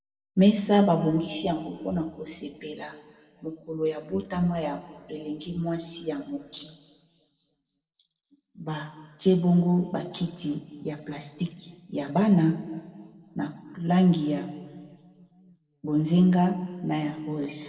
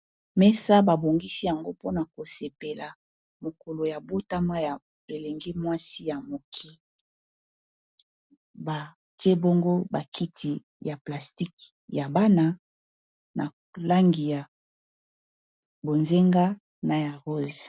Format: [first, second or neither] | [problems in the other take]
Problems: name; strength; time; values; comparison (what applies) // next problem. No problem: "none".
second | room echo; dies away in 1.7 s